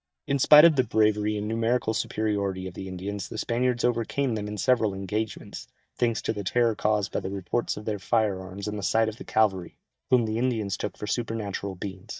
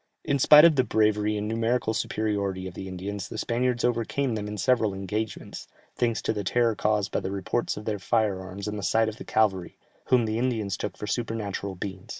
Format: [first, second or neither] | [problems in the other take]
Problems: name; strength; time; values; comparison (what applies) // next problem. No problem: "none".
second | noise reduction (neural mask model DeepFilterNet 3)